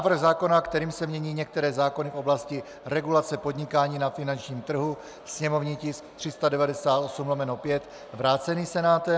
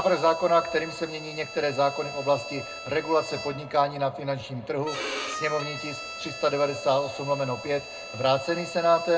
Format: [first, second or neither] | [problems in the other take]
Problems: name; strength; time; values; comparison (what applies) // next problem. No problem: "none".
first | background sound (Bowed string instrument); 12 dB below the speech // room echo; dies away in 0.2 s